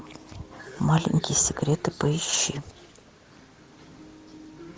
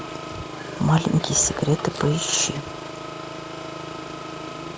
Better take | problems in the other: first | background sound (Engine); 9 dB below the speech

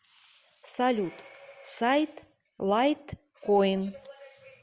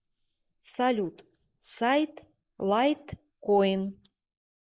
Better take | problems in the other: first | noise reduction (neural mask model Resemble Enhance denoiser)

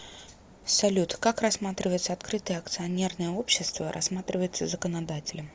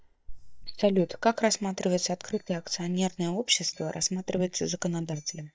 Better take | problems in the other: first | noise reduction (neural mask model DeepFilterNet 3)

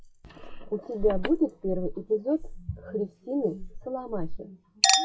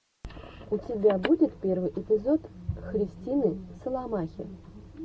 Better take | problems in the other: second | noise reduction (classical method log-MMSE)

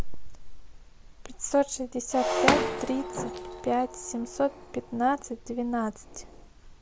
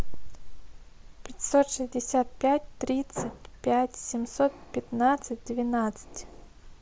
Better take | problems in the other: second | background sound (Shatter); 2 dB below the speech

